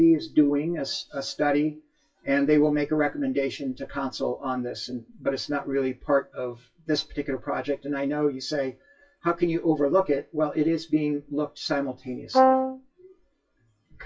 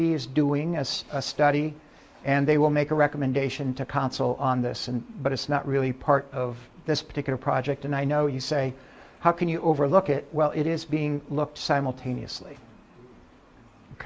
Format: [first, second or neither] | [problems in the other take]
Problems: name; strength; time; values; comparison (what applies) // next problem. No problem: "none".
second | noise reduction (classical method WPE with log-MMSE)